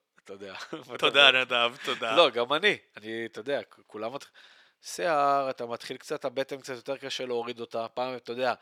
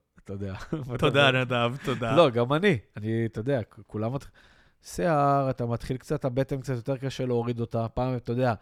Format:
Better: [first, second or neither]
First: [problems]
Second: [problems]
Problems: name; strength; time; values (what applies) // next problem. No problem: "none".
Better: second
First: thin; somewhat; fading below 400 Hz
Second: none